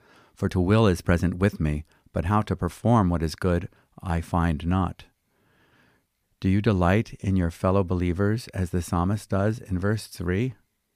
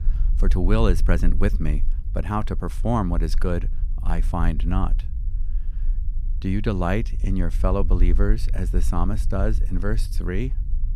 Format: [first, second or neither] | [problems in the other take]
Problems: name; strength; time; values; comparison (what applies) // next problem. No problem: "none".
first | low rumble; noticeable; throughout; 20 dB below the speech